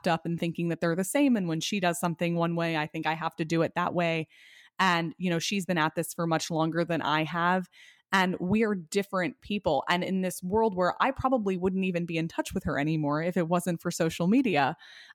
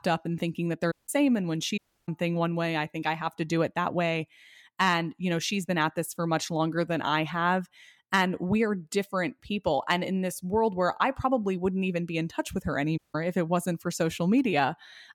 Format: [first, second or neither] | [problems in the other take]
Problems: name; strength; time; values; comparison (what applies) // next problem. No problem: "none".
first | audio cutting out; at 1 s, at 2 s and at 13 s